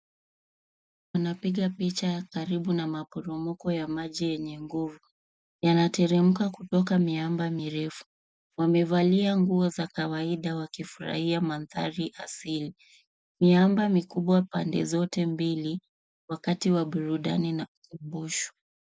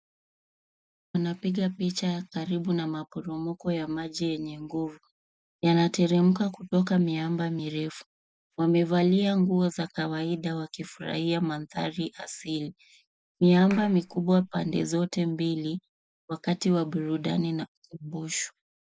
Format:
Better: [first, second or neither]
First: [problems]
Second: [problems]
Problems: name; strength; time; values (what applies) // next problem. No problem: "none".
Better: first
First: none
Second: background sound (Clapping); 19 dB below the speech